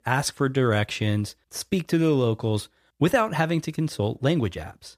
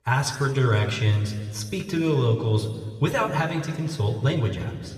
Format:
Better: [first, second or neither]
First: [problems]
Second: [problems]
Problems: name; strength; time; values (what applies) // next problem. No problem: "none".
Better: first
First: none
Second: room echo; slight; dies away in 1.7 s // off-mic speech; somewhat distant